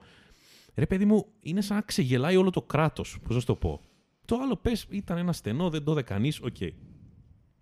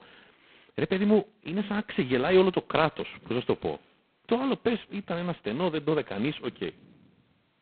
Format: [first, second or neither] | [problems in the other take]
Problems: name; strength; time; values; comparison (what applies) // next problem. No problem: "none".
first | phone-call audio; poor line; nothing above 4 kHz